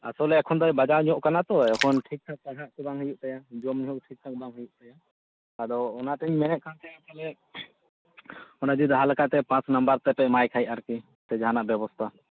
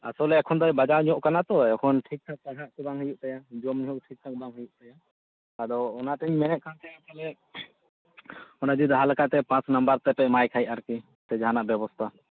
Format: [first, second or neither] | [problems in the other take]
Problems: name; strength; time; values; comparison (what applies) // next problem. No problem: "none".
second | background sound (Splash, splatter); 12 dB below the speech